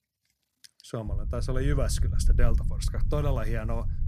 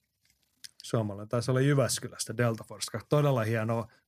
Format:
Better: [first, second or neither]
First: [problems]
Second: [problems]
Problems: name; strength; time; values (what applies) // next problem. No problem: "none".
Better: second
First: low rumble; noticeable; from 1 s on; 10 dB below the speech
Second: none